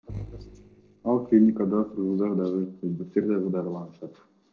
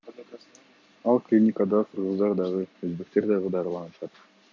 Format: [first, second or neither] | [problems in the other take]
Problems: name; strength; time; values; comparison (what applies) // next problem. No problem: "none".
second | noise reduction (neural separator model SepFormer DNS4)